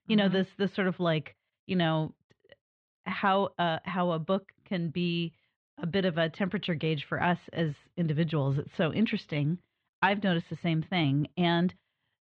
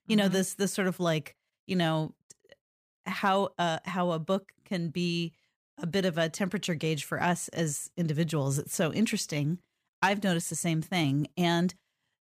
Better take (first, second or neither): second